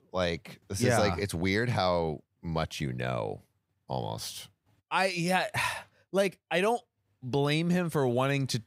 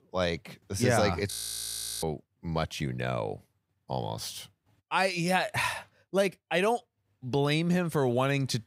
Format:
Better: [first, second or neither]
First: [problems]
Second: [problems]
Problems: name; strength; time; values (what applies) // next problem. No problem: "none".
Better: first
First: none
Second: audio freezing; at 1.5 s for 0.5 s